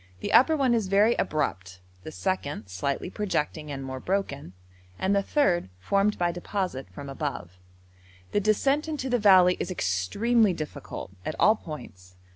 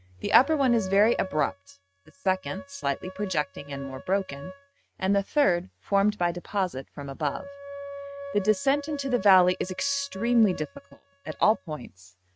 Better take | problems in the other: first | noise reduction (neural mask model RNNoise)

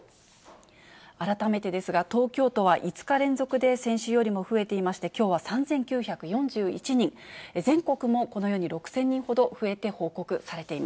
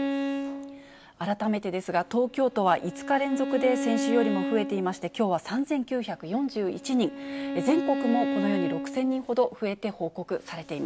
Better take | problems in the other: first | background sound (Bowed string instrument); 5 dB below the speech

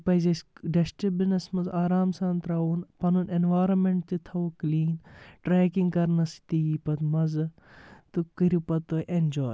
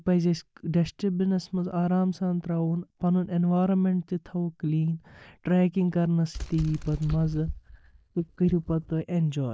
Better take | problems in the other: first | noise reduction (neural mask model DeepFilterNet 3)

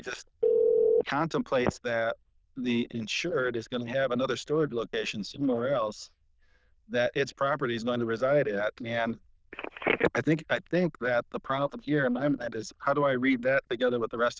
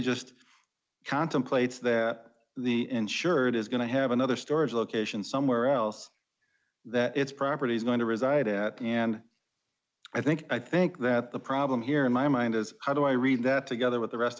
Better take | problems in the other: second | noise reduction (neural diffusion model UNIVERSE++)

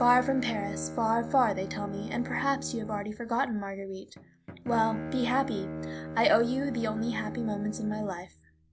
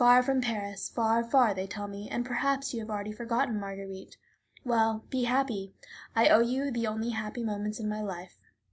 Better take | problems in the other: second | background sound (Bowed string instrument); 9 dB below the speech

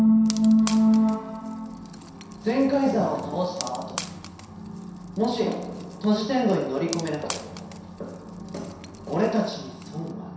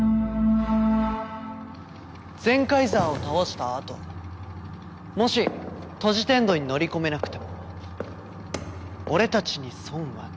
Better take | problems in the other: second | background sound (Wood); 17 dB below the speech // room echo; dies away in 0.7 s

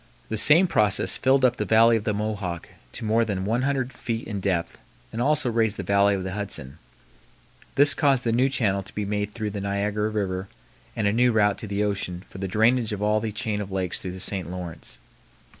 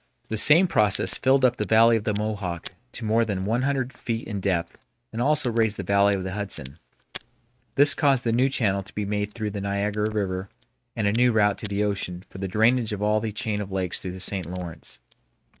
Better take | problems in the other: first | noise reduction (neural mask model RNNoise)

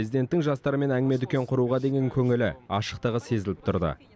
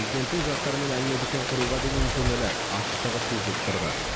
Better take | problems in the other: first | background sound (Rain); 2 dB above the speech

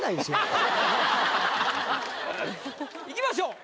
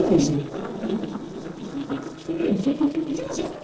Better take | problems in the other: first | noise reduction (neural separator model SepFormer DNS4)

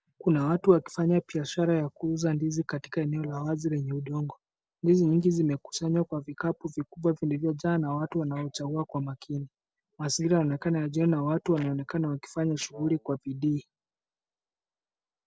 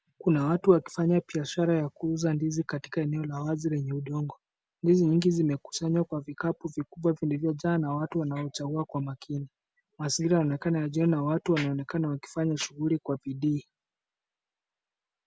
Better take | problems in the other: second | noise reduction (neural separator model SepFormer DNS4)

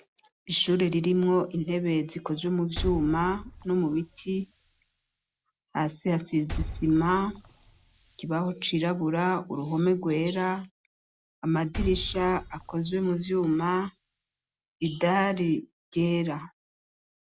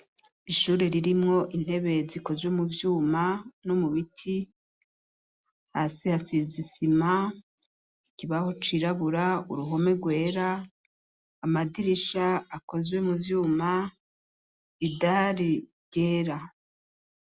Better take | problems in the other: second | background sound (Liquid); 12 dB below the speech

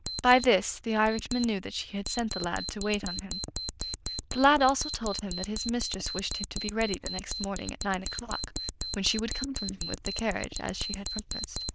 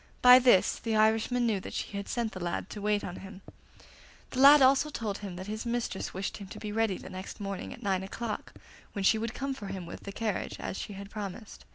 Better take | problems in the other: second | noise reduction (neural diffusion model UNIVERSE++)

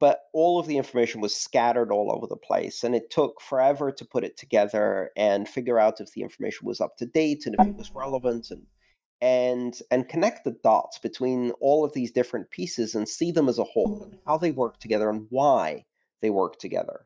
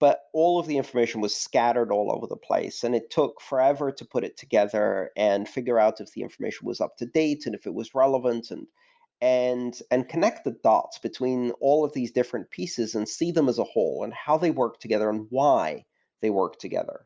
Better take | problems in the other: second | noise reduction (neural mask model DeepFilterNet 3)

